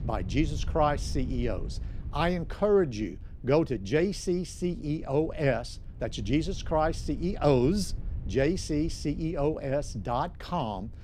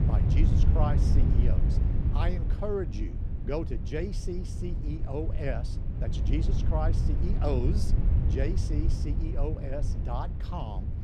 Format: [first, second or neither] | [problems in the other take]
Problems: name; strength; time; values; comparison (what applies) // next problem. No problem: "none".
first | wind noise on the microphone; heavy; 5 dB below the speech; occasional gusts in the first